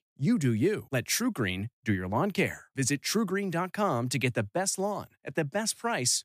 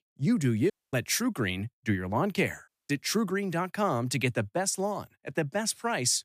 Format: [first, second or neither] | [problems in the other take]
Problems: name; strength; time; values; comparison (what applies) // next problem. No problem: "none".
first | audio cutting out; at 0.5 s and at 2.5 s